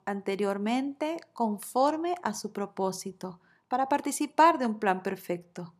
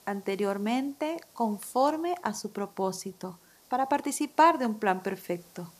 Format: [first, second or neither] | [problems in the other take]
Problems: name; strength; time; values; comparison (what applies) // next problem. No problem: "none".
first | hiss; faint; throughout; 25 dB below the speech